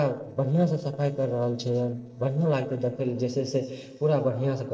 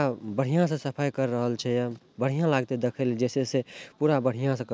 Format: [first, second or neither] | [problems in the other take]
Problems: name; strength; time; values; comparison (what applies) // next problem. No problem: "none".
second | noise reduction (neural separator model SepFormer DNS4)